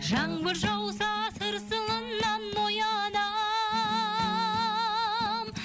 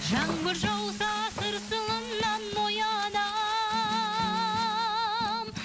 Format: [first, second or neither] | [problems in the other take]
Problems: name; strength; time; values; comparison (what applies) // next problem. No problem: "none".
first | background sound (Frying (food)); 14 dB below the speech